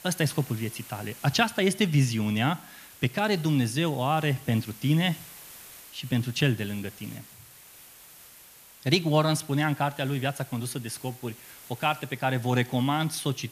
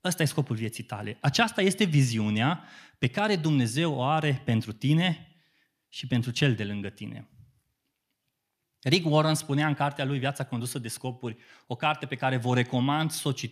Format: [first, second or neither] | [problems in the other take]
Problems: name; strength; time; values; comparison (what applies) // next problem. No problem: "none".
second | hiss; noticeable; throughout; 20 dB below the speech